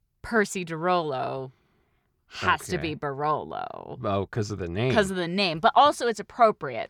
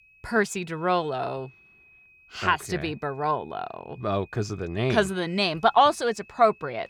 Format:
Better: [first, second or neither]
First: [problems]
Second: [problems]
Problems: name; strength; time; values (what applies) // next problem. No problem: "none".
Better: first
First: none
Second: high-pitched whine; faint; throughout; 2.5 kHz, 30 dB below the speech